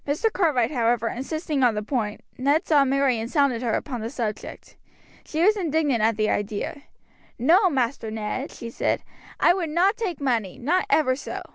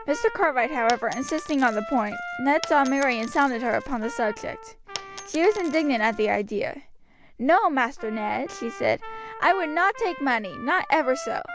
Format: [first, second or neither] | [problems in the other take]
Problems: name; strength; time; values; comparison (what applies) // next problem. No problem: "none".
first | background sound (Trumpet + Coin (dropping)); 14 dB below the speech